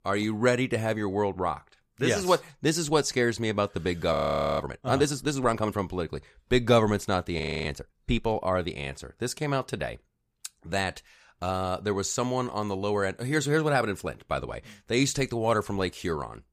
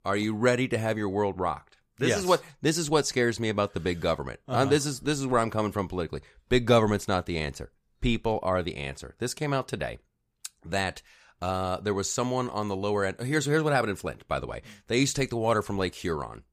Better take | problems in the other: second | audio freezing; at 4 s and at 7.5 s

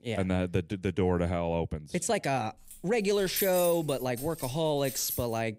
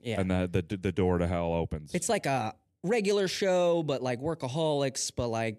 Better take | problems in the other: second | jangling keys; noticeable; from 2.5 s on; peak 2 dB below the speech

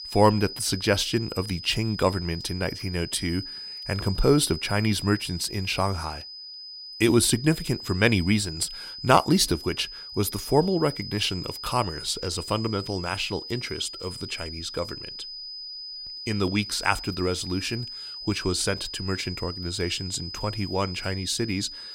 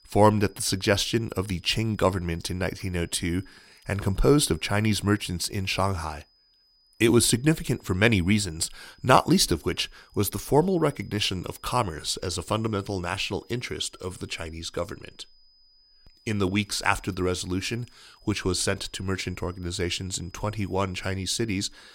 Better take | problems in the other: second | high-pitched whine; loud; throughout; 5 kHz, 10 dB below the speech; faint in the second

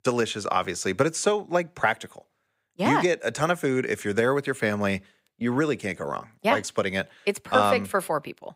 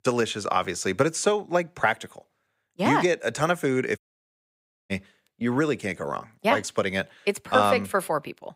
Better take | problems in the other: first | audio cutting out; at 4 s for 1 s

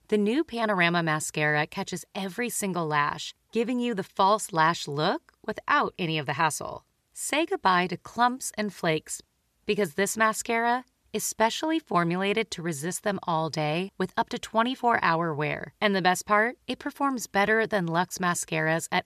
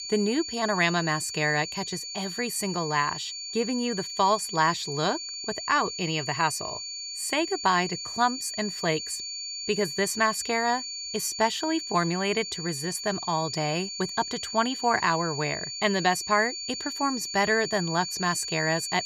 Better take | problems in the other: first | high-pitched whine; loud; throughout; 4.5 kHz, 6 dB below the speech

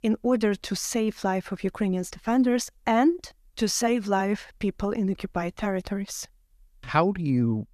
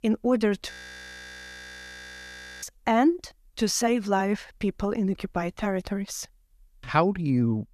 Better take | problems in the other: first | audio freezing; at 0.5 s for 2 s

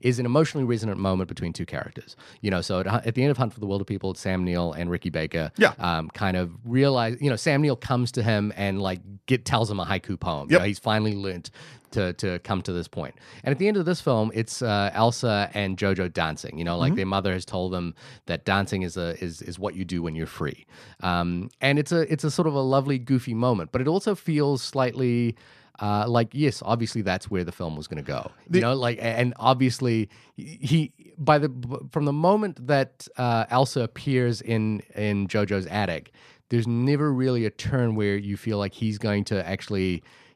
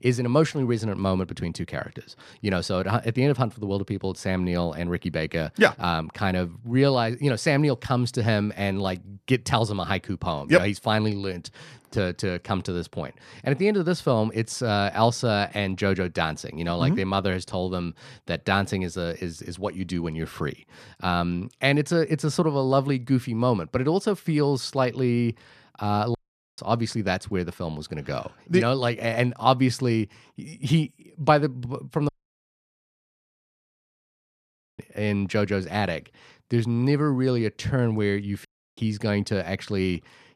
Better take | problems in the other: first | audio cutting out; at 26 s, at 32 s for 2.5 s and at 38 s

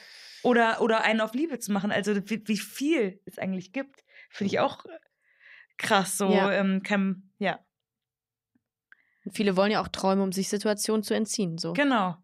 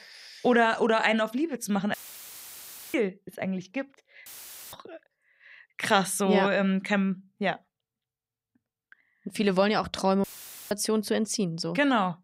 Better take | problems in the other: first | audio cutting out; filled with static; at 2 s for 1 s, at 4.5 s and at 10 s

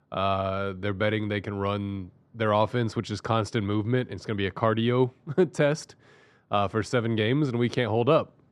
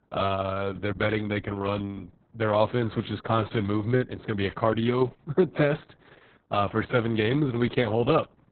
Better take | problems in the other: first | garbled, watery; badly; nothing above 4 kHz

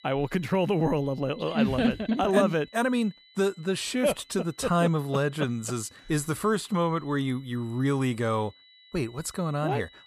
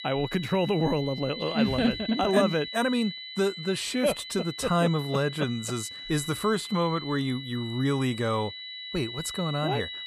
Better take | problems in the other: first | high-pitched whine; loud; throughout; 4 kHz, 9 dB below the speech; faint in the first

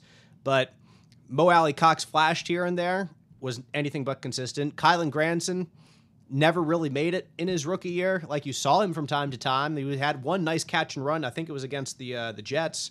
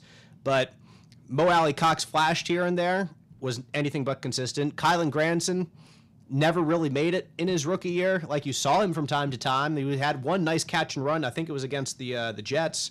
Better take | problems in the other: first | distortion; slight; 10 dB below the speech

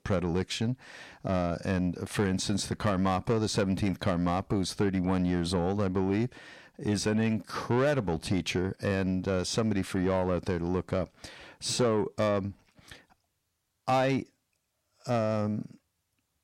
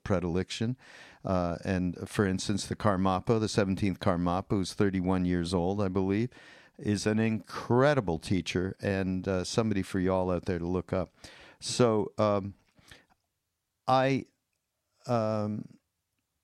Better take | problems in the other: second | distortion; slight; 10 dB below the speech

